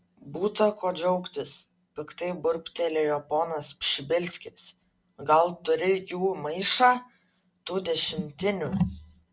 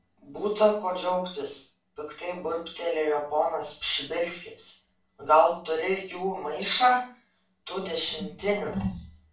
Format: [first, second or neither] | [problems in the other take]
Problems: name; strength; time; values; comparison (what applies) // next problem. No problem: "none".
first | room echo; dies away in 0.3 s